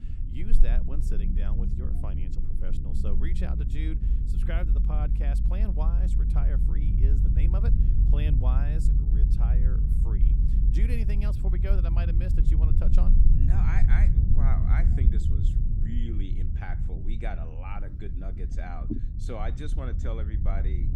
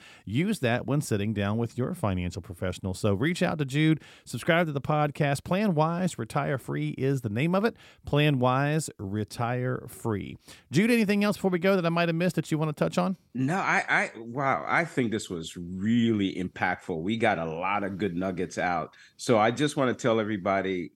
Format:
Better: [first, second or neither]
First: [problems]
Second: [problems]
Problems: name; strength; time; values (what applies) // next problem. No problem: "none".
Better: second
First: low rumble; loud; throughout; 2 dB below the speech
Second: none